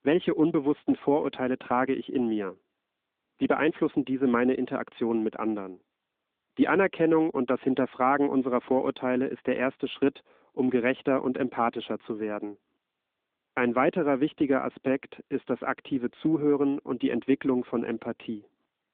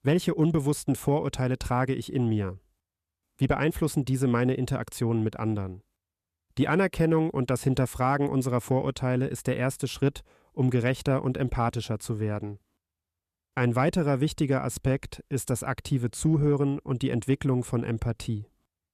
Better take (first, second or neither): second